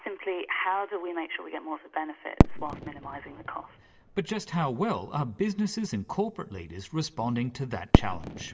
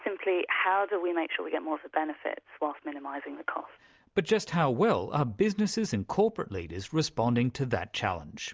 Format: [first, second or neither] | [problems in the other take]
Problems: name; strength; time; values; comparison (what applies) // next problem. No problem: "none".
second | background sound (Fireworks); 1 dB above the speech // room echo; dies away in 0.3 s